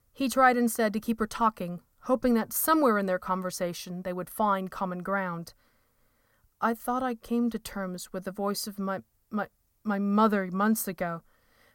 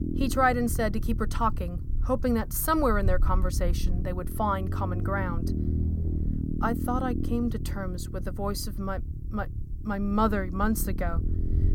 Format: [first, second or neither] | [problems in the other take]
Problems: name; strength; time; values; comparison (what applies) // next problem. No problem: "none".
first | low rumble; noticeable; throughout; 15 dB below the speech